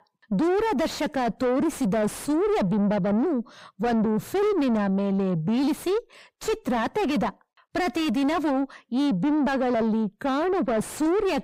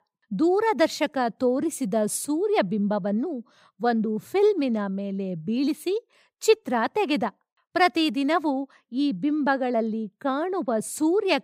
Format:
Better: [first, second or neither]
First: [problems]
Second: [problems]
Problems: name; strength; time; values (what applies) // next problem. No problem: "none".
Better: second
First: distortion; heavy; 5 dB below the speech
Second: none